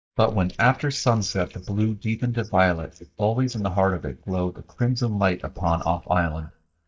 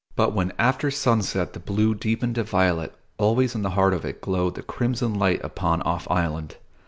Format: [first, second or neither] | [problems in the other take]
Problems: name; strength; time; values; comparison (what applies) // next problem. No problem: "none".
second | noise reduction (neural mask model DeepFilterNet 3)